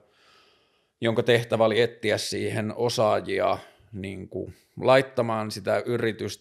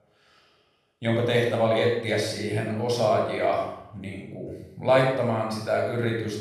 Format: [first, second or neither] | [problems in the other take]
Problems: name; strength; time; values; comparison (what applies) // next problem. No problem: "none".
first | off-mic speech; somewhat distant // room echo; noticeable; dies away in 0.6 s